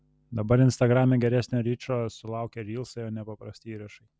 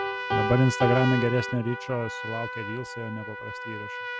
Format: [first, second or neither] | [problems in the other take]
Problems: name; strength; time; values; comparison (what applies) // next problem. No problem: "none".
first | background sound (Trumpet + Piano); 4 dB below the speech